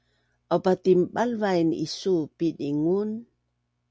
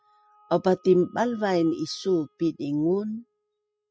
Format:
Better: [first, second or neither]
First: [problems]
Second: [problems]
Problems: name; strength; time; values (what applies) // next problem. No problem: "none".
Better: first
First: none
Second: noise reduction (classical method spectral subtraction)